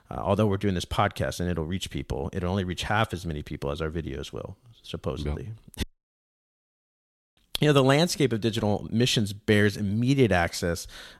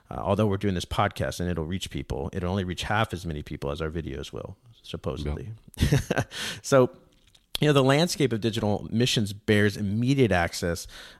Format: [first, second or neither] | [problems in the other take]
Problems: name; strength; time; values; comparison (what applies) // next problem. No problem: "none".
second | audio cutting out; at 6 s for 1.5 s